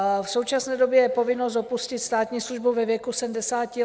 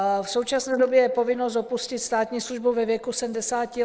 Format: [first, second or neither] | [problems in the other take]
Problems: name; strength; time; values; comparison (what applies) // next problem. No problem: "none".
first | noise reduction (neural mask model Resemble Enhance denoiser)